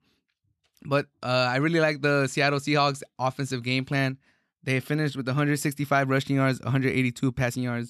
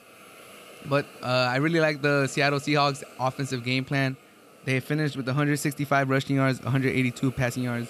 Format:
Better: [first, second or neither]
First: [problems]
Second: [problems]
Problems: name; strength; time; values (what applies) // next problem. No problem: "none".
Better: first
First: none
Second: hiss; faint; throughout; 20 dB below the speech